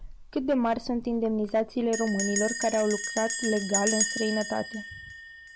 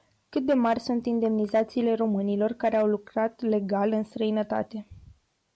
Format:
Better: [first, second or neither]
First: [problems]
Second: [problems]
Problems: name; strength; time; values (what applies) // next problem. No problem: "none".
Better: second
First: background sound (Bell); 6 dB below the speech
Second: none